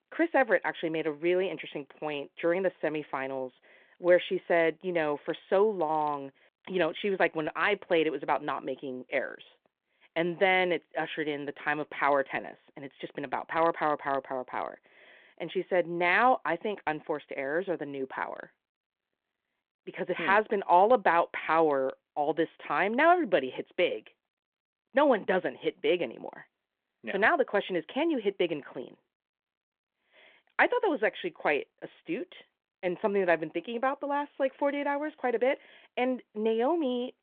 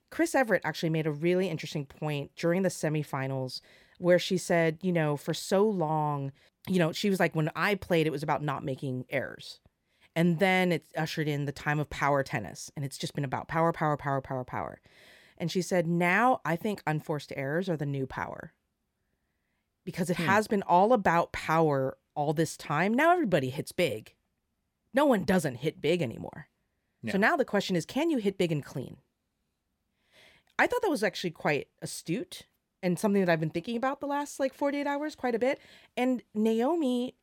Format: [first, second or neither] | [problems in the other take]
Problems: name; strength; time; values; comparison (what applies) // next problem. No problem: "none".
second | phone-call audio